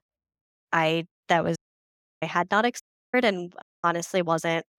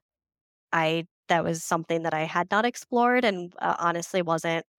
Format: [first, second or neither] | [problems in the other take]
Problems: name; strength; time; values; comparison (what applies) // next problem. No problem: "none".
second | audio cutting out; at 1.5 s for 0.5 s, at 3 s and at 3.5 s